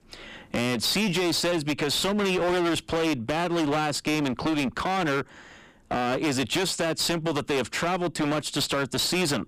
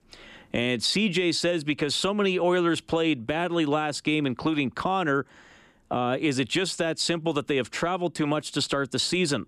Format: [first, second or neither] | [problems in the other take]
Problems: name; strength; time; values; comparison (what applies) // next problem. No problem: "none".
second | distortion; heavy; 29% of the sound clipped